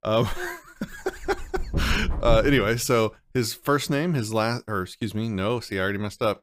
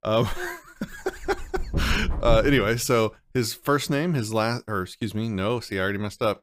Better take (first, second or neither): neither